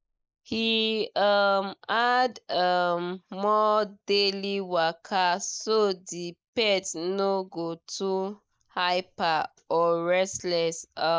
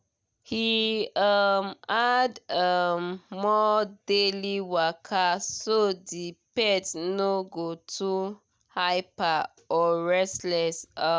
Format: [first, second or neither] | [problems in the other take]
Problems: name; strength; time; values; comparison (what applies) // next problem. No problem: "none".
second | noise reduction (neural mask model Resemble Enhance denoiser)